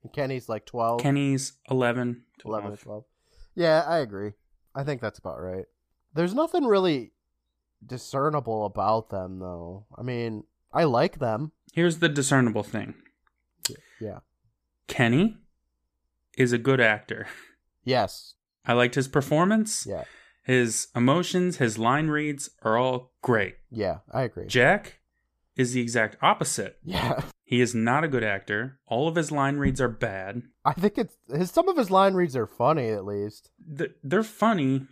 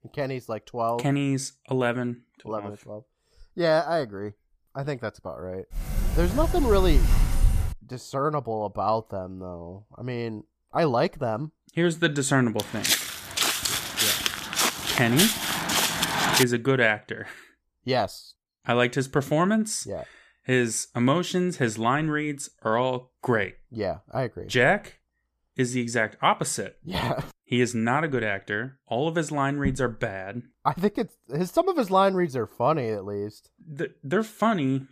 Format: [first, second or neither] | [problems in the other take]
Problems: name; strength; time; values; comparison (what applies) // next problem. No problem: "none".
first | door banging; loud; from 6 to 7.5 s; peak 2 dB above the speech // footsteps; loud; from 13 to 16 s; peak 5 dB above the speech